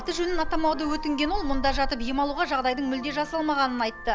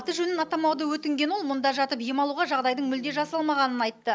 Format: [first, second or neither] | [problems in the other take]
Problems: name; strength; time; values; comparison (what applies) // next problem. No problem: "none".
second | background sound (Vehicle horn, car horn, honking); 6 dB below the speech